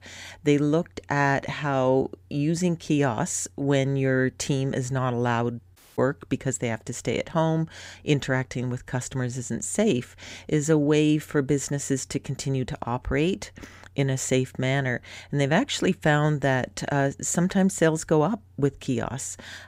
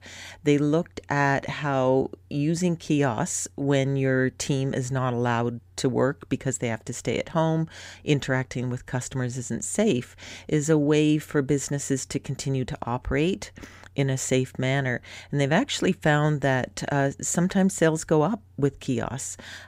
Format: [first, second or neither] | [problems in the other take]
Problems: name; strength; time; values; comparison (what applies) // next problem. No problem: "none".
second | audio cutting out; at 6 s